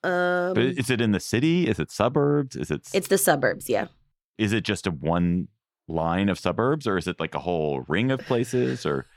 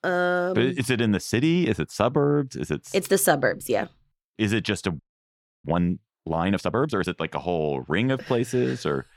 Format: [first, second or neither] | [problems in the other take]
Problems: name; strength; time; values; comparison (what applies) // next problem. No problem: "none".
first | audio freezing; at 5 s for 0.5 s